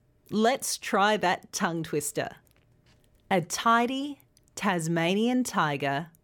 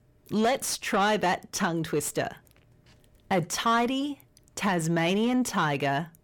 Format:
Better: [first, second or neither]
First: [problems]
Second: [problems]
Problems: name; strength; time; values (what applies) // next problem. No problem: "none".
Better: first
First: none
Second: distortion; slight; 10 dB below the speech